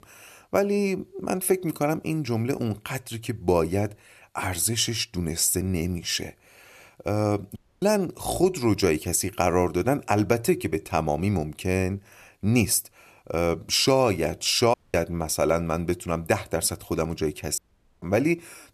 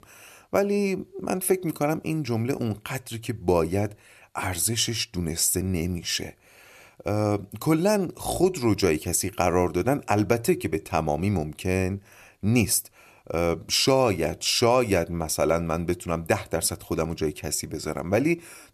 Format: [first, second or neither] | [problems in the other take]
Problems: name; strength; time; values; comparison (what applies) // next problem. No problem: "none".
second | audio cutting out; at 7.5 s, at 15 s and at 18 s